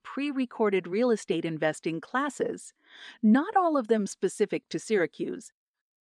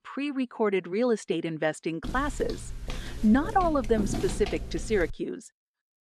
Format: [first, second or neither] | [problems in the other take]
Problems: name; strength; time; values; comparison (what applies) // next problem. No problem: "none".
first | footsteps; noticeable; from 2 to 5 s; peak 4 dB below the speech